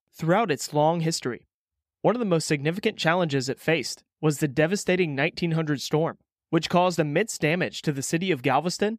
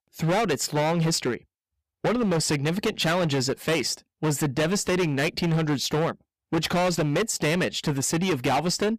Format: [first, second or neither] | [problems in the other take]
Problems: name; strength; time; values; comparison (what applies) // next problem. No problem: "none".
first | distortion; heavy; 21% of the sound clipped